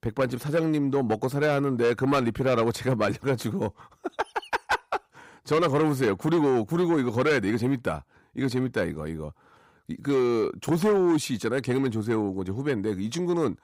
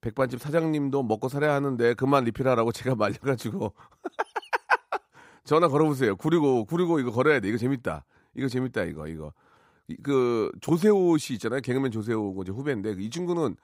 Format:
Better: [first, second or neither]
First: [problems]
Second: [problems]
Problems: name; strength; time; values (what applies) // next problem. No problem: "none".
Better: second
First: distortion; slight; 10 dB below the speech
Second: none